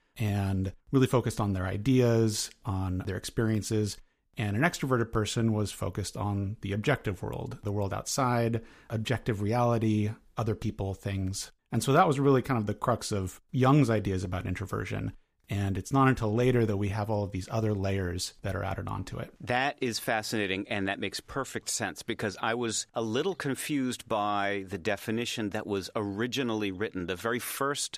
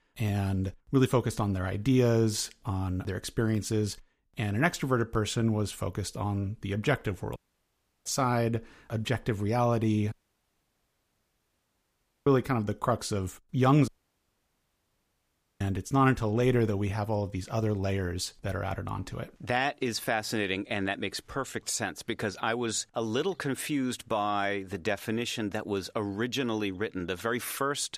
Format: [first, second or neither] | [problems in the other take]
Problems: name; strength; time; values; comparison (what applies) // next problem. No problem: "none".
first | audio cutting out; at 7.5 s for 0.5 s, at 10 s for 2 s and at 14 s for 1.5 s